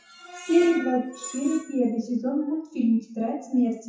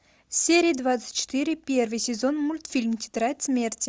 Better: second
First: noise reduction (classical method WPE with log-MMSE)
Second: none

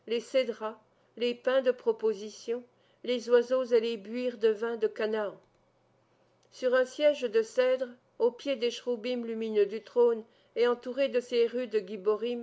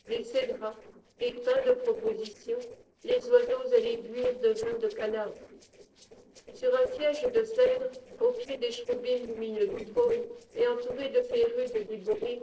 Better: first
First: none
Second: noise reduction (neural separator model SepFormer DNS4)

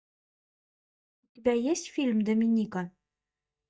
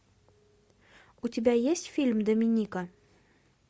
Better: second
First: noise reduction (neural mask model DeepFilterNet 3)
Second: none

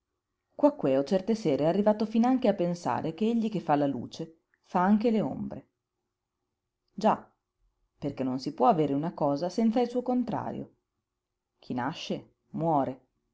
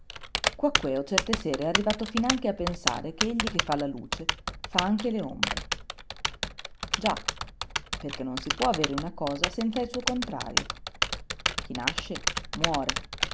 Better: first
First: none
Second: background sound (Typing); as loud as the speech

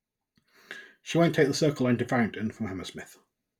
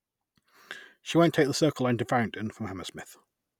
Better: second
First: room echo; dies away in 0.2 s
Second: none

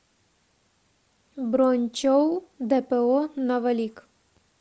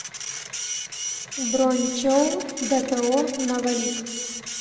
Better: first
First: none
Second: background sound (Printer); 7 dB below the speech // room echo; dies away in 1.3 s

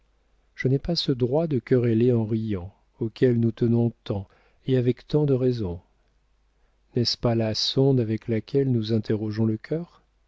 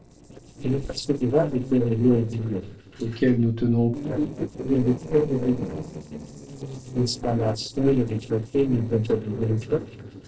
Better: first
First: none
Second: noise reduction (neural separator model SepFormer DNS4)

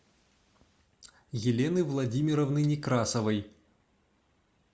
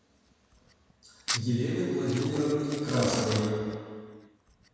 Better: first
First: none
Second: background sound (Packing tape, duct tape); 9 dB below the speech // room echo; dies away in 1.9 s

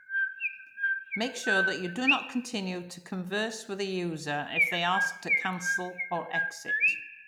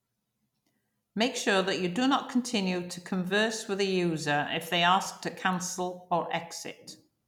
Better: second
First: background sound (Chirp, tweet); 2 dB above the speech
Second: none

